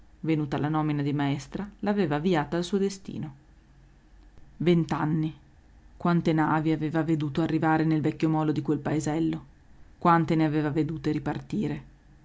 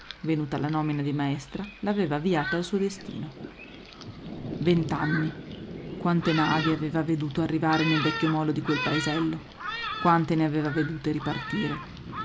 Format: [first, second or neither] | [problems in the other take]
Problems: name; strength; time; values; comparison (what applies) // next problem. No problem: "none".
first | background sound (Thunderstorm); 8 dB below the speech